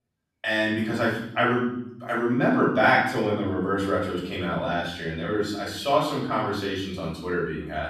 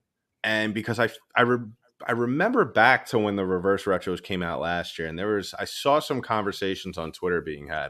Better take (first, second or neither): second